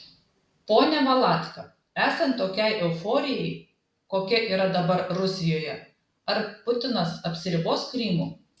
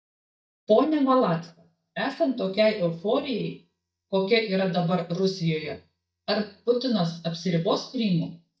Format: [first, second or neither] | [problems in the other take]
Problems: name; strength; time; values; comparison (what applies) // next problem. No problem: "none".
first | noise reduction (neural mask model DeepFilterNet 3)